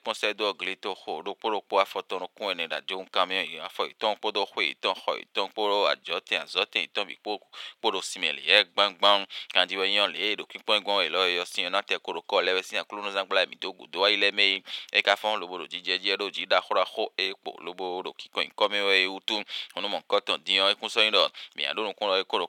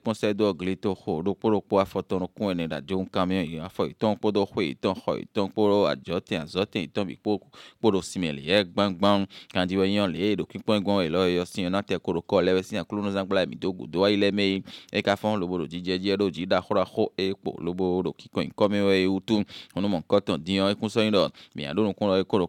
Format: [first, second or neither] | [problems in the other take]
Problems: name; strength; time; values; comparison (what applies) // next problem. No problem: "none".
second | thin; very; fading below 750 Hz